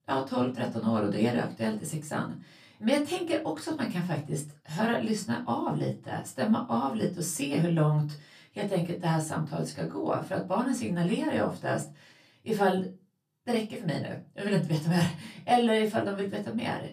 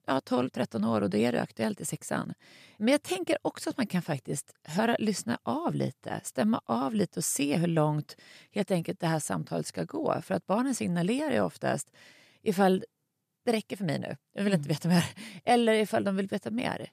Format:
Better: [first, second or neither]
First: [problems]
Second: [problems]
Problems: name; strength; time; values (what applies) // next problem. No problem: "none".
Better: second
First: off-mic speech; far // room echo; very slight; dies away in 0.2 s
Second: none